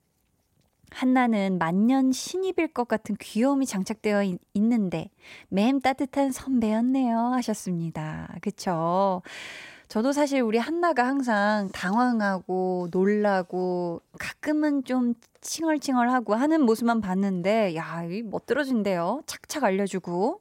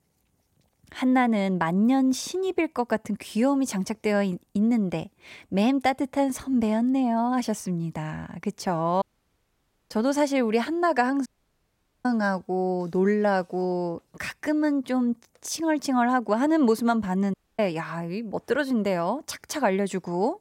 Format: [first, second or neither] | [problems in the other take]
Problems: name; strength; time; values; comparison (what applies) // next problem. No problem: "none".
first | audio cutting out; at 9 s for 1 s, at 11 s for 1 s and at 17 s